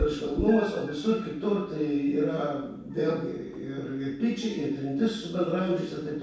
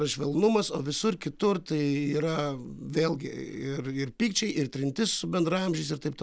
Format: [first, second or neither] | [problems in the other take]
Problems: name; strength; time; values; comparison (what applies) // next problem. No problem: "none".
second | background sound (Meow); 14 dB below the speech // room echo; dies away in 0.7 s